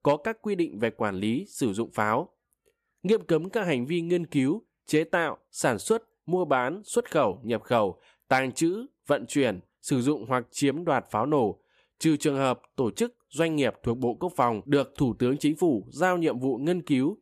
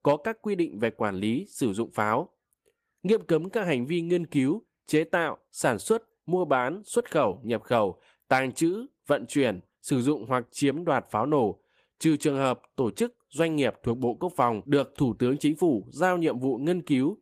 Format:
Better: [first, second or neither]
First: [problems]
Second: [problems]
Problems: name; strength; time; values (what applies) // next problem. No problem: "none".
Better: first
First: none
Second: garbled, watery; slightly; nothing above 15 kHz